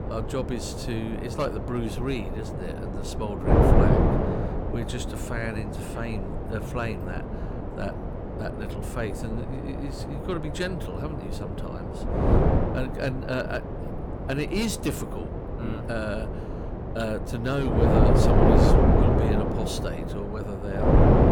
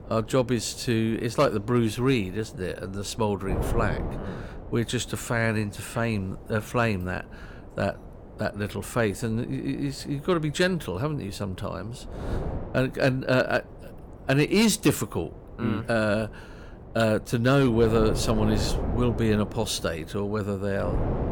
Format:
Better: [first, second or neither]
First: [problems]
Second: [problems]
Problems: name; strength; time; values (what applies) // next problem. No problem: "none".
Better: second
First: wind noise on the microphone; heavy; 3 dB above the speech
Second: wind noise on the microphone; occasional gusts; 15 dB below the speech